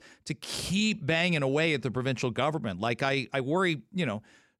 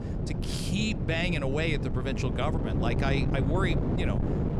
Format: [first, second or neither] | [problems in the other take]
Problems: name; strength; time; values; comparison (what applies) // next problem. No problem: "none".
first | wind noise on the microphone; heavy; 5 dB below the speech